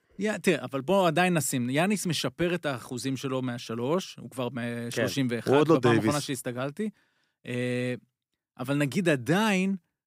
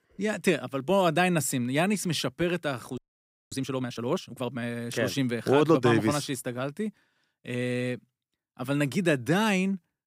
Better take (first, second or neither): first